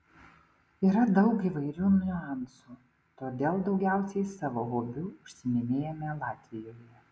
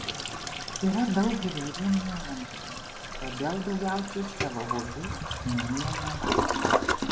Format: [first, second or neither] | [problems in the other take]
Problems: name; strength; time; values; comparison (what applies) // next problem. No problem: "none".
first | background sound (Toilet flush); as loud as the speech